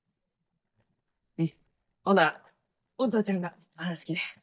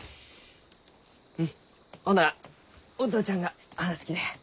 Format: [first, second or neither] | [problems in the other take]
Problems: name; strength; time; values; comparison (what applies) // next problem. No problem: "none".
second | noise reduction (neural mask model DeepFilterNet 3)